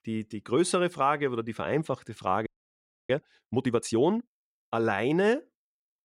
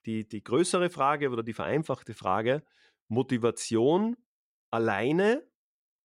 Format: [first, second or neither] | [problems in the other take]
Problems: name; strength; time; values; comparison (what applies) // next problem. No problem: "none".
second | audio freezing; at 2.5 s for 0.5 s